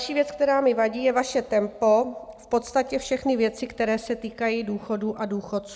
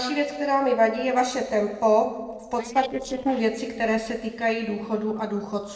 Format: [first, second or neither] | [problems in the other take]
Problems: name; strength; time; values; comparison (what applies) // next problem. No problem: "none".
first | noise reduction (neural separator model SepFormer DNS4)